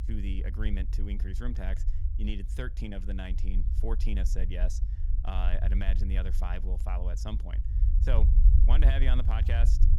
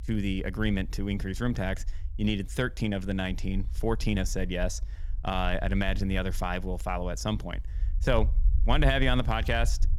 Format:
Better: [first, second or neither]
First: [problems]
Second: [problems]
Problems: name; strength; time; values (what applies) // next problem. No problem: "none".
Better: second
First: low rumble; loud; throughout; 8 dB below the speech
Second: low rumble; faint; throughout; 25 dB below the speech